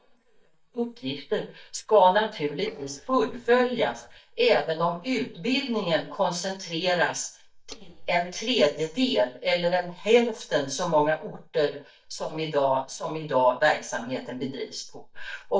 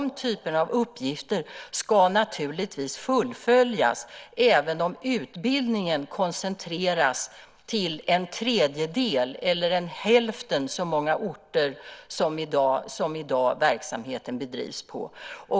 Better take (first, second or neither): second